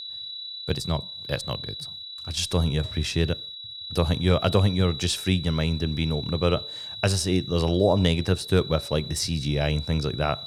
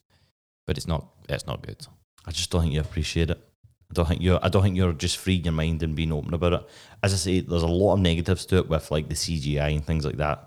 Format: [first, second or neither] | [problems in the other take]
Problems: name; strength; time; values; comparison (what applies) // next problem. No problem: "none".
second | high-pitched whine; loud; throughout; 4 kHz, 9 dB below the speech